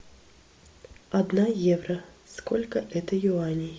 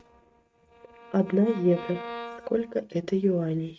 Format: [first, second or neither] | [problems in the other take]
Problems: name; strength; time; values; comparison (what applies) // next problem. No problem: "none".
first | noise reduction (neural mask model RNNoise)